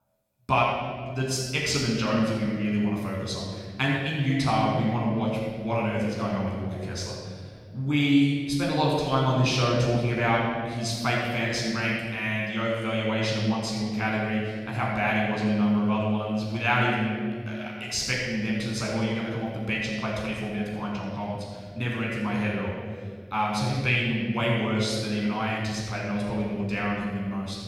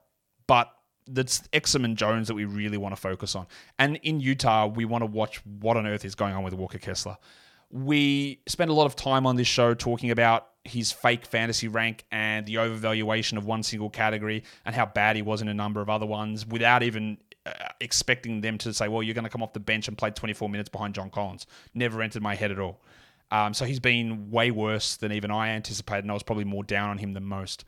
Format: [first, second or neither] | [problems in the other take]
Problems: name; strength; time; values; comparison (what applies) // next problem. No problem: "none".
second | off-mic speech; far // room echo; strong; dies away in 2.2 s